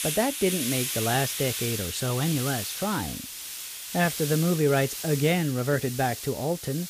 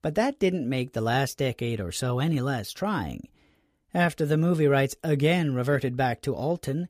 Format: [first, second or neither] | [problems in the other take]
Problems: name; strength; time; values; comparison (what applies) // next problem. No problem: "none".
second | hiss; loud; throughout; 5 dB below the speech